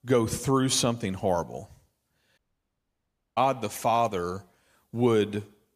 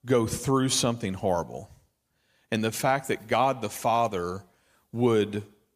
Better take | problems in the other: second | audio cutting out; at 2.5 s for 1 s

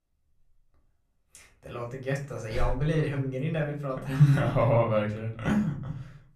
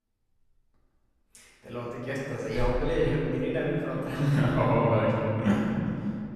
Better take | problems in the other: first | room echo; strong; dies away in 2.4 s; slight in the first // off-mic speech; far; far in the first

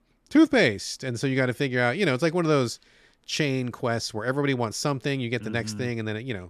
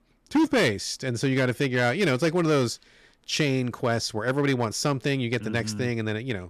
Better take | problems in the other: first | distortion; slight; 5% of the sound clipped

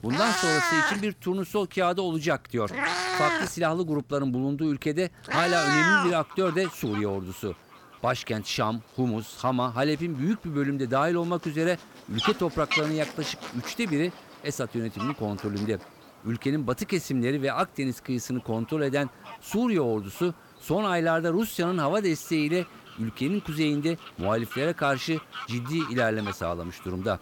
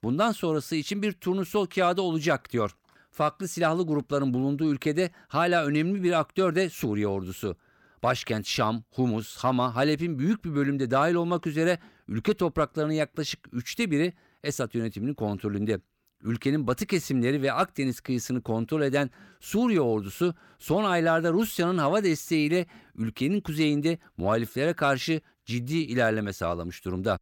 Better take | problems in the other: second | animal sounds; loud; throughout; 1 dB below the speech

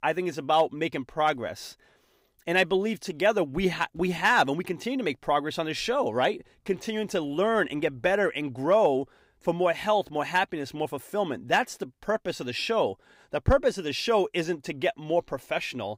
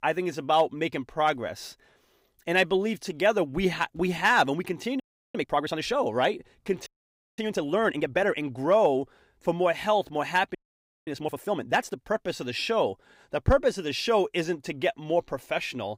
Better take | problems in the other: first | audio freezing; at 5 s, at 7 s for 0.5 s and at 11 s for 0.5 s

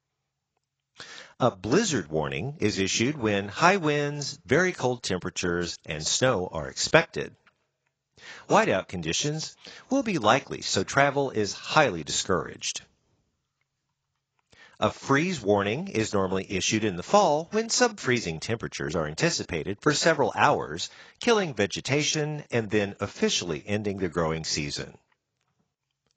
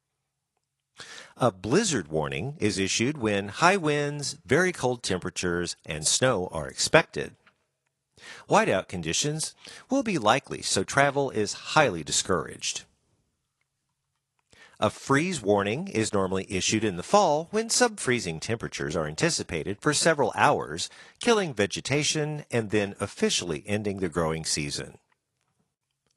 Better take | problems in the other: second | garbled, watery; badly; nothing above 7.5 kHz; slightly in the second

